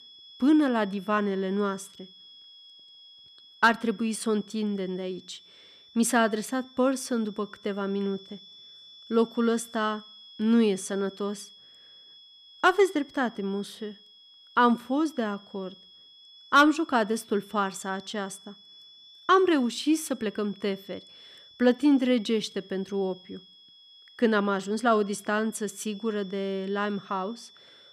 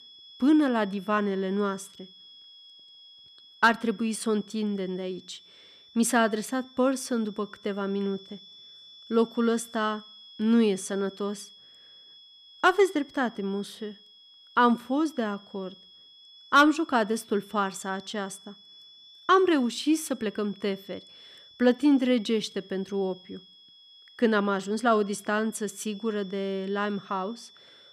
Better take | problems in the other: neither | high-pitched whine; faint; throughout; 3.5 kHz, 25 dB below the speech; the same in both

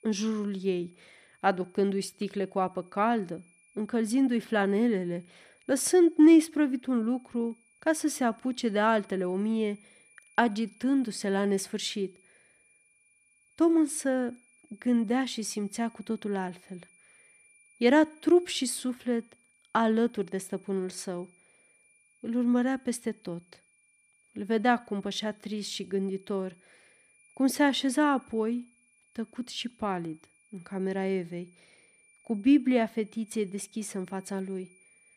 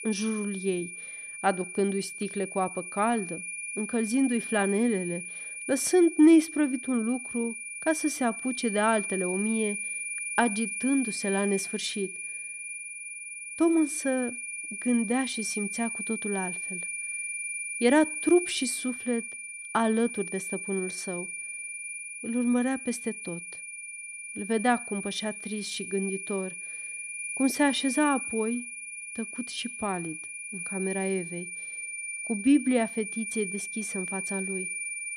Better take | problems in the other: first | high-pitched whine; loud; throughout; 2.5 kHz, 6 dB below the speech; faint in the first

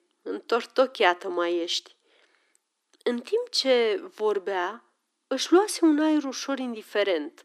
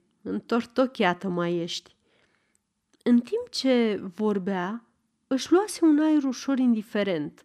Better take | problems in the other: second | thin; somewhat; fading below 300 Hz

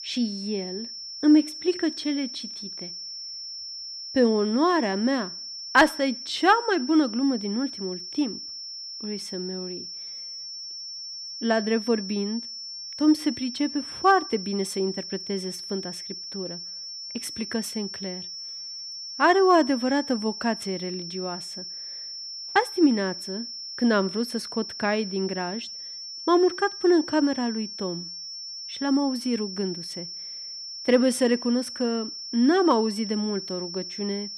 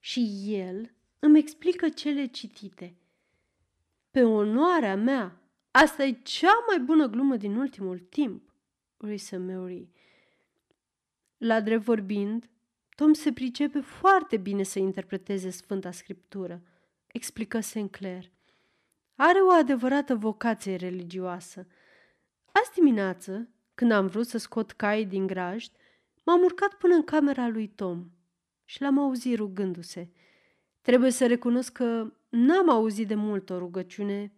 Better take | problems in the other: second | high-pitched whine; loud; throughout; 5.5 kHz, 9 dB below the speech

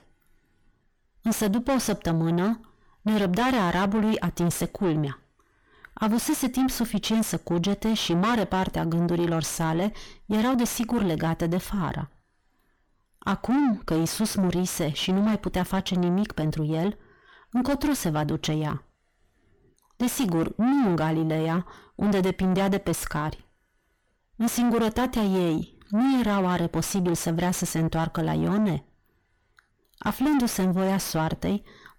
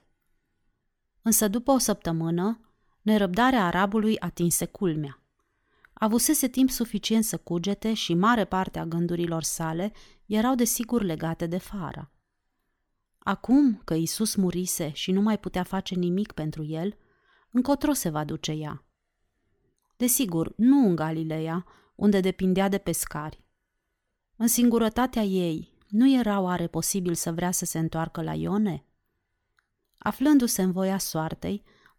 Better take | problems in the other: second | distortion; heavy; 5 dB below the speech

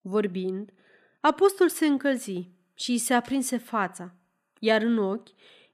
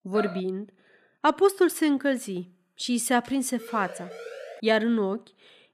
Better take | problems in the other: first | dog barking; noticeable; at the start; peak 9 dB below the speech // siren; faint; from 3.5 to 4.5 s; peak 15 dB below the speech

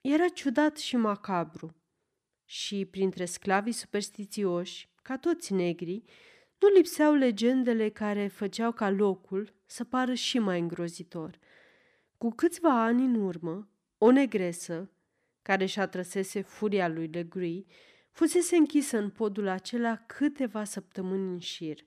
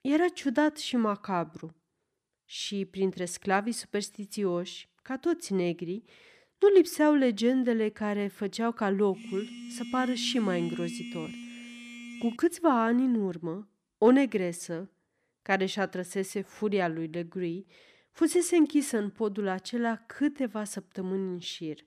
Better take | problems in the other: first | phone ringing; noticeable; from 9 to 12 s; peak 8 dB below the speech

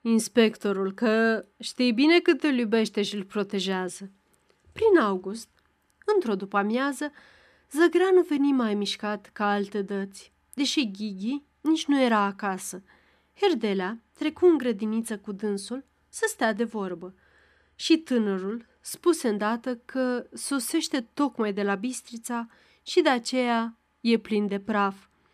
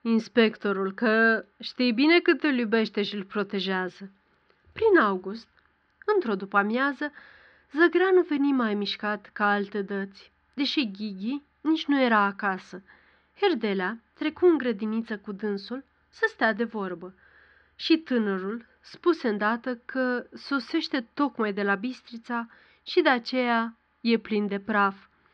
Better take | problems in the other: first | muffled; very slightly; fading above 4.5 kHz

